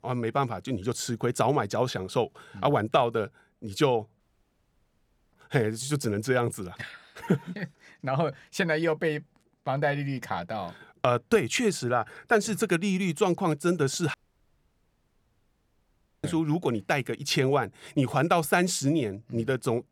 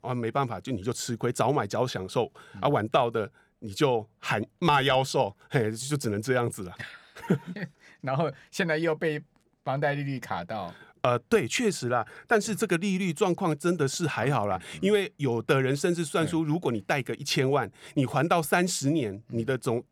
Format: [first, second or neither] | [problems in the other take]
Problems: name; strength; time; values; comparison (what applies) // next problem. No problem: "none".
second | audio cutting out; at 4 s for 1 s and at 14 s for 2 s